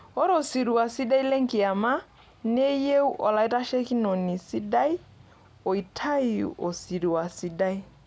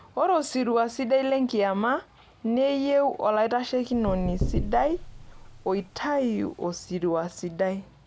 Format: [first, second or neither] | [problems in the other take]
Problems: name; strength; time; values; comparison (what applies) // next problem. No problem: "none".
first | background sound (Knock / Wood); 7 dB below the speech